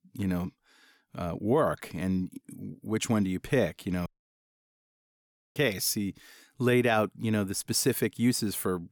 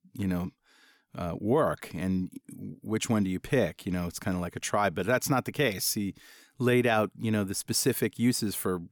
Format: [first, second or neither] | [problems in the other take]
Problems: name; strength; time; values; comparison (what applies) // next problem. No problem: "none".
second | audio cutting out; at 4 s for 1.5 s